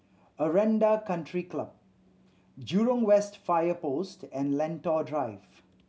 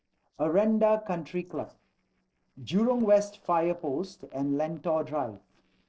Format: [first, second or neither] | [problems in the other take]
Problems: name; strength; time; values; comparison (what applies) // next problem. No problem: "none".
first | noise reduction (neural separator model SepFormer DNS4)